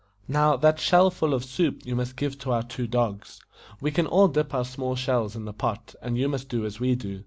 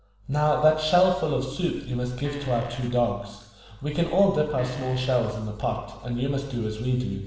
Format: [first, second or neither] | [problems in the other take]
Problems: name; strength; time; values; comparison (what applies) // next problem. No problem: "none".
first | background sound (Fart); 18 dB below the speech // room echo; dies away in 1 s